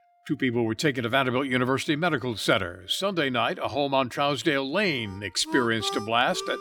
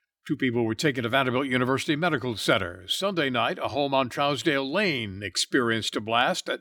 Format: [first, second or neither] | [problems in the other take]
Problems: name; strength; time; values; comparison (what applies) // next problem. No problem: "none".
second | background music; noticeable; throughout; 15 dB below the speech